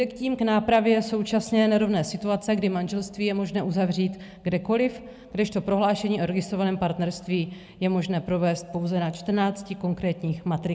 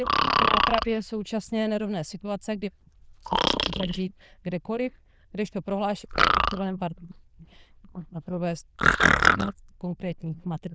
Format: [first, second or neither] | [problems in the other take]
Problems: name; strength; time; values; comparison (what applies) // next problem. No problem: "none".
first | noise reduction (neural diffusion model UNIVERSE++)